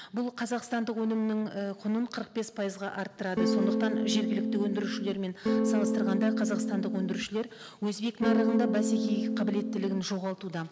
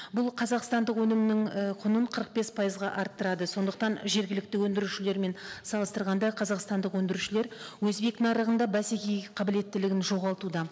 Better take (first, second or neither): second